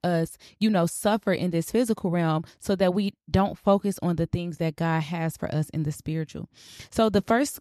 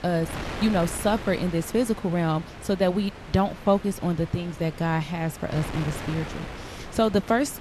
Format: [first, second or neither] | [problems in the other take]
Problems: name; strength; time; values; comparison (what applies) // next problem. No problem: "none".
first | wind noise on the microphone; occasional gusts; 10 dB below the speech